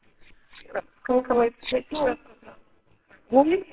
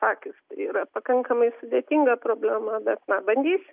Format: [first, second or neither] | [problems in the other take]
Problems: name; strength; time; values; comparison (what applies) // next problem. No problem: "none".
second | noise reduction (neural separator model SepFormer WHAMR!)